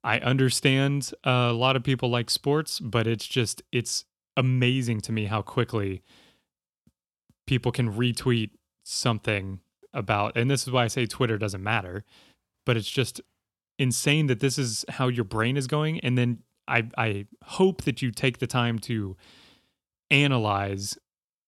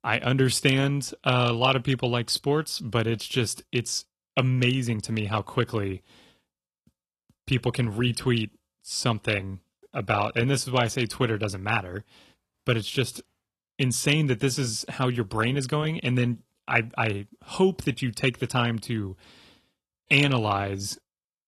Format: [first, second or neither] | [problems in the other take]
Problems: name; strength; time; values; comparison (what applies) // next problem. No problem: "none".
first | garbled, watery; slightly; nothing above 11.5 kHz